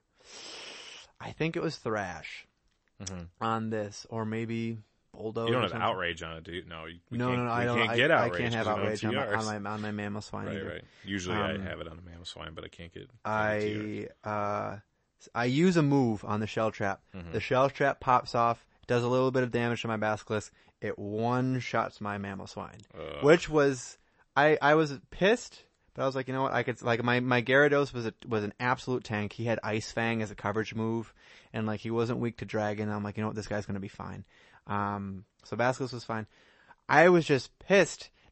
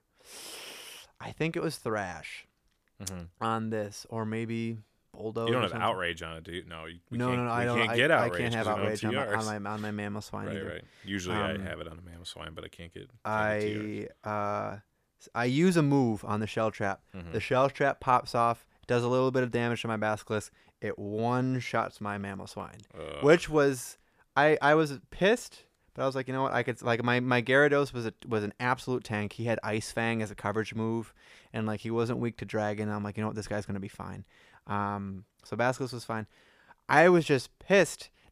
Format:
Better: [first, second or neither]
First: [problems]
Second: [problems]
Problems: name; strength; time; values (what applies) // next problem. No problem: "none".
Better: second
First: garbled, watery; slightly; nothing above 8 kHz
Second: none